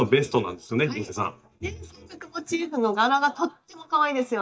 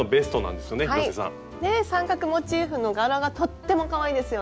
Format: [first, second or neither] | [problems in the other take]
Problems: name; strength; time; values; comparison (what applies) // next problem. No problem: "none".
second | noise reduction (neural mask model DeepFilterNet 3)